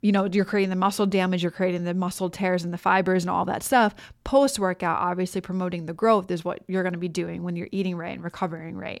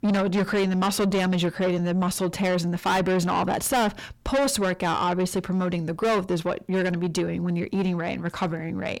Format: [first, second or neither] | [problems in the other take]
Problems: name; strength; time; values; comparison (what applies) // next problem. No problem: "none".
first | distortion; heavy; 6 dB below the speech